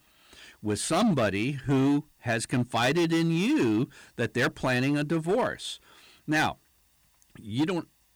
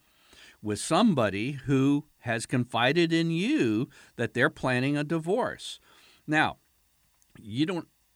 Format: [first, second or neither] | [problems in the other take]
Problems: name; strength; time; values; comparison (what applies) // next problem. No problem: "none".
second | distortion; slight; 9% of the sound clipped